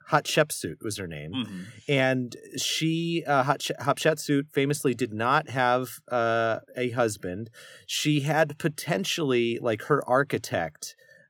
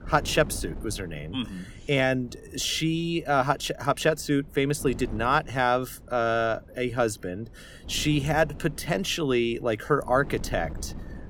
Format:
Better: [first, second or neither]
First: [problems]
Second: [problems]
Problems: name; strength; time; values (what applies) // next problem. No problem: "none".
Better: first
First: none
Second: wind noise on the microphone; occasional gusts; 25 dB below the speech